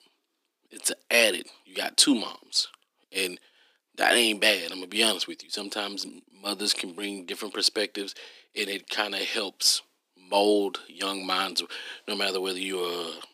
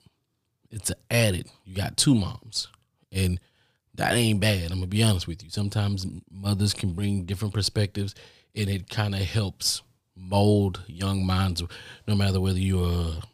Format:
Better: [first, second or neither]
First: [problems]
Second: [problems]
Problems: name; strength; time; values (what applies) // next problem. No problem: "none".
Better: second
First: thin; very; fading below 250 Hz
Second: none